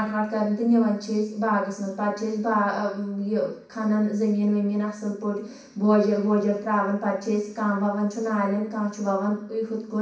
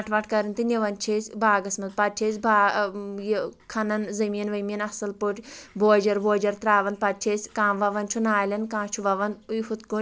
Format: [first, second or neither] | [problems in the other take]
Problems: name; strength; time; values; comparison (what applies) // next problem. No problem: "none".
second | room echo; dies away in 0.6 s